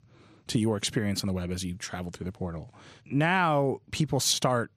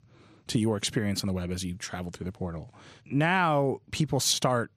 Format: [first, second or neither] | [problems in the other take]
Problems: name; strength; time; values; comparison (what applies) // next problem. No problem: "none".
neither | none